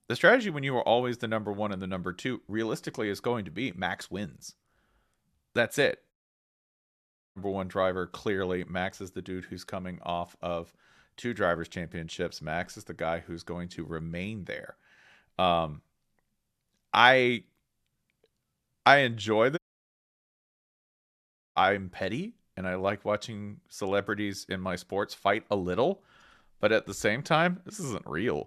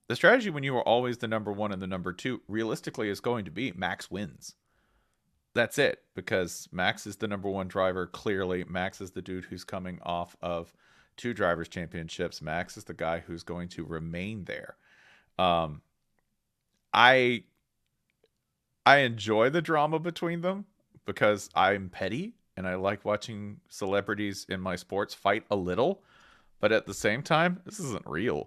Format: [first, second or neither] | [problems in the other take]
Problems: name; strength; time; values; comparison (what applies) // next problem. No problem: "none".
second | audio cutting out; at 6 s for 1 s and at 20 s for 2 s